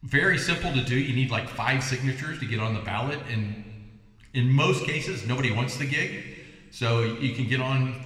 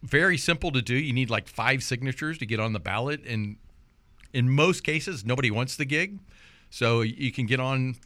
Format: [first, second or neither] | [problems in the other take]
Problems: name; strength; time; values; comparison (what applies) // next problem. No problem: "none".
second | room echo; slight; dies away in 1.6 s